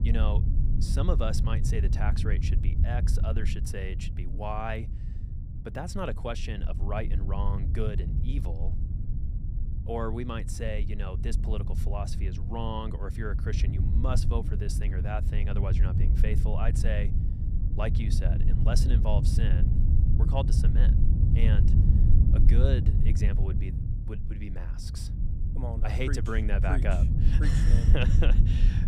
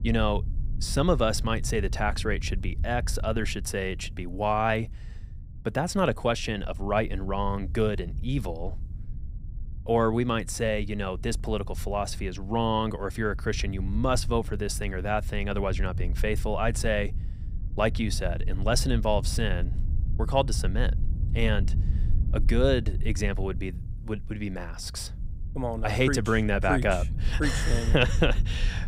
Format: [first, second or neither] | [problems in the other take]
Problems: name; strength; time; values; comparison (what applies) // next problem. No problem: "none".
second | low rumble; loud; throughout; 6 dB below the speech; faint in the second